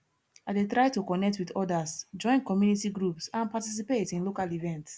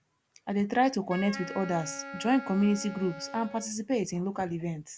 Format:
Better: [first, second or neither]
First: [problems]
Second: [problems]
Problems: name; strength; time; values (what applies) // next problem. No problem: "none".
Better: first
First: none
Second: background sound (Wind instrument, woodwind instrument); 13 dB below the speech